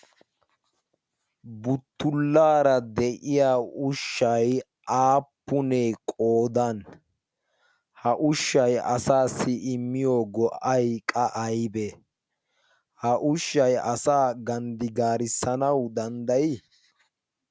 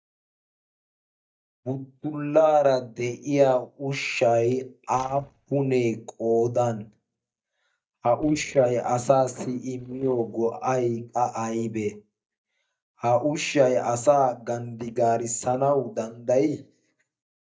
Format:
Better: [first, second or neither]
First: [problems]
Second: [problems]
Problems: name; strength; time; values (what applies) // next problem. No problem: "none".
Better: first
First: none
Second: noise reduction (neural mask model DeepFilterNet 3)